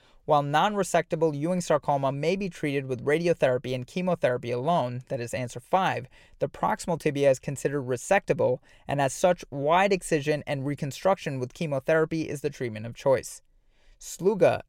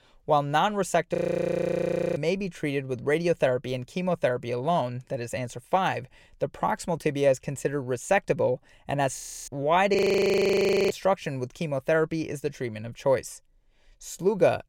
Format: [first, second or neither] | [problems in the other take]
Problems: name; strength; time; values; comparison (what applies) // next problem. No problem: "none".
first | audio freezing; at 1 s for 1 s, at 9 s and at 10 s for 1 s